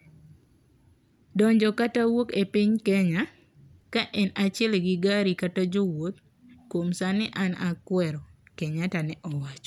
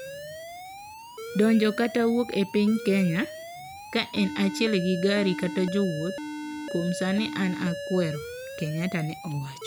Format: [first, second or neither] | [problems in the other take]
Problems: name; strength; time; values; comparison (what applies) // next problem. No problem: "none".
first | background sound (Alarm); 10 dB below the speech